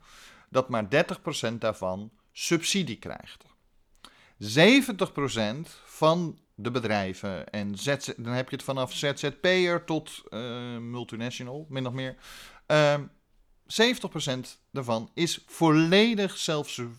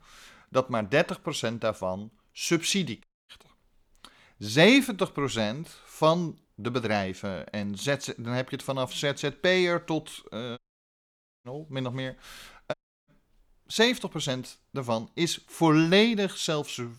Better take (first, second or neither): first